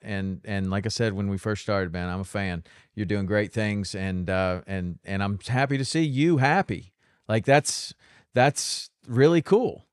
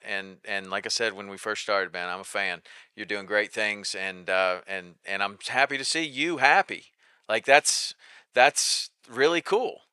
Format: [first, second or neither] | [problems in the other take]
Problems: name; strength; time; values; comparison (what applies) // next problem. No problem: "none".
first | thin; very; fading below 600 Hz